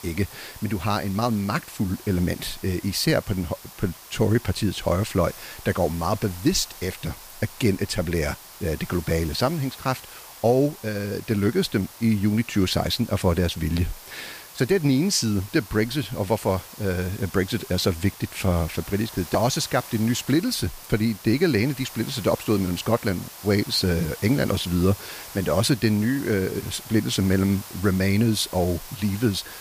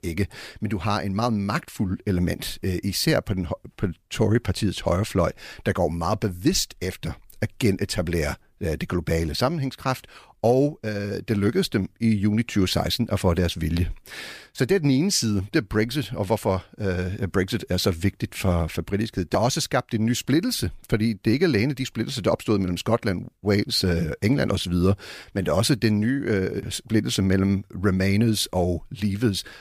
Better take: second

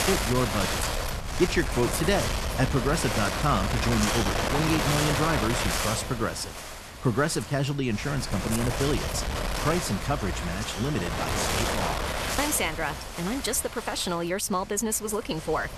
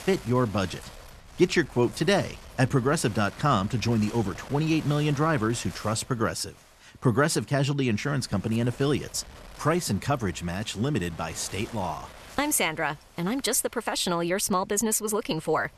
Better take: second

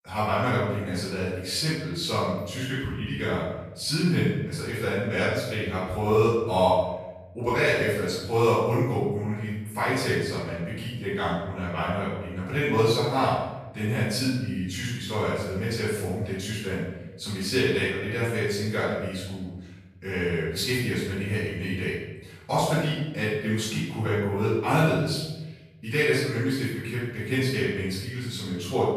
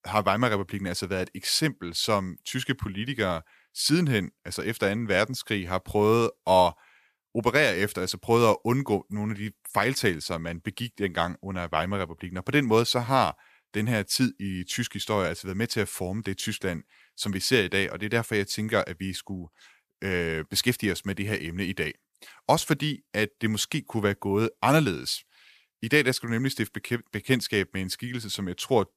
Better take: second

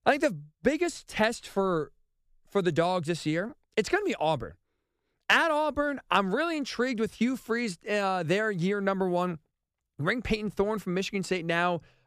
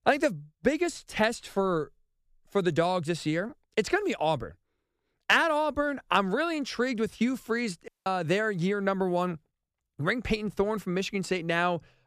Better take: first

